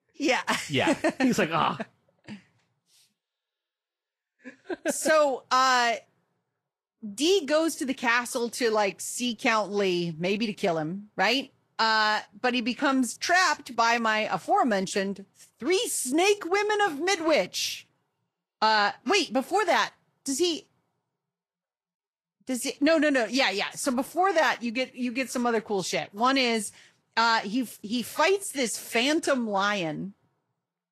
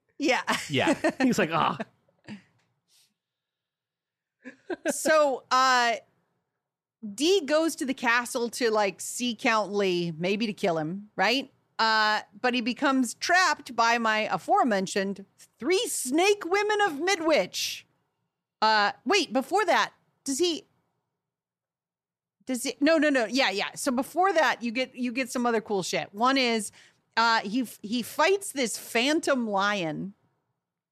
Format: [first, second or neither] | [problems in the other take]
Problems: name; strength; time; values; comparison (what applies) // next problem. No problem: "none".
second | garbled, watery; slightly; nothing above 12.5 kHz